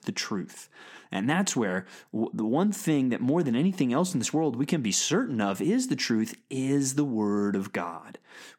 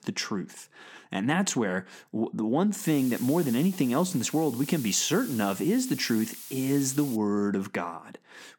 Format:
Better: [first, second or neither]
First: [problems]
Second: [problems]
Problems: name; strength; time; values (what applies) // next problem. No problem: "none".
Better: first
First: none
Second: hiss; noticeable; from 3 to 7 s; 15 dB below the speech